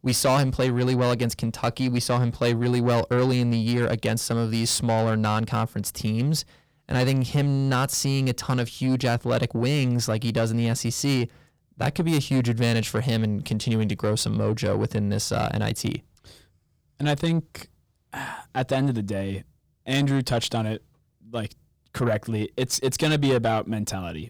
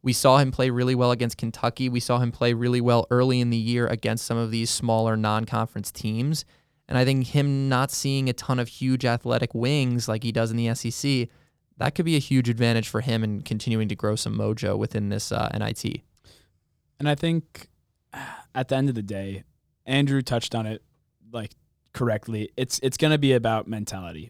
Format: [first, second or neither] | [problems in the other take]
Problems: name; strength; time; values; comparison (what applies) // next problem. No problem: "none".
second | distortion; slight; 10 dB below the speech